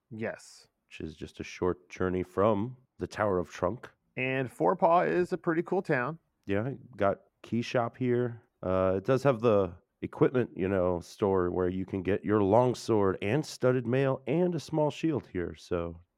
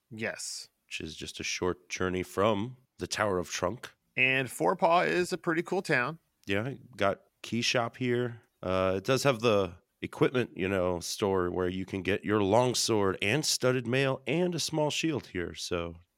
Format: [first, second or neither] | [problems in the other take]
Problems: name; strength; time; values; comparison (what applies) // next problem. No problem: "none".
second | muffled; slightly; fading above 2 kHz